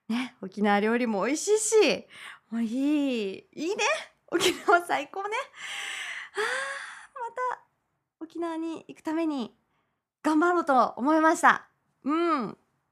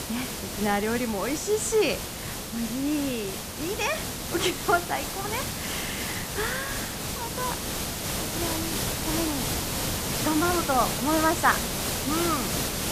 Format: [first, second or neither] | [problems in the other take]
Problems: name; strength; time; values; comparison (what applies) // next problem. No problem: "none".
first | hiss; loud; throughout; 1 dB below the speech